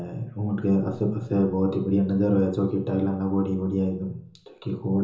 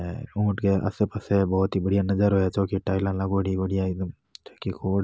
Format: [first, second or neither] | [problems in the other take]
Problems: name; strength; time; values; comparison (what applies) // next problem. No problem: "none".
second | room echo; dies away in 0.6 s